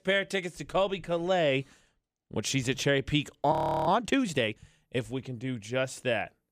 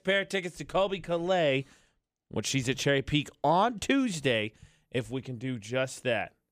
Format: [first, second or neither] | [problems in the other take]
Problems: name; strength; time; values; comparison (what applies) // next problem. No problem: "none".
second | audio freezing; at 3.5 s